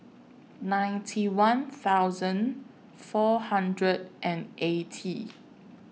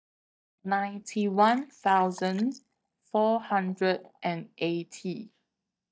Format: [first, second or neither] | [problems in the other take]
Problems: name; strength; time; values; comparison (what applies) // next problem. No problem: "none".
first | noise reduction (neural mask model DeepFilterNet 3)